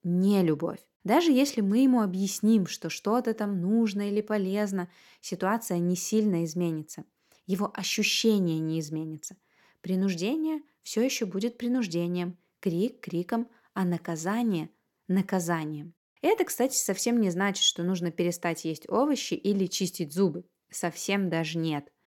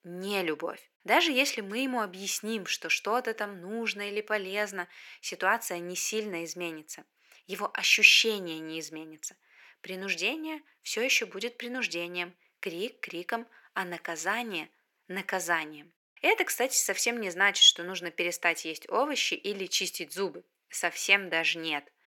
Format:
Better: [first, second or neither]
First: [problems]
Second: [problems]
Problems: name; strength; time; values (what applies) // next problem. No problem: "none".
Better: first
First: none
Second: thin; very; fading below 500 Hz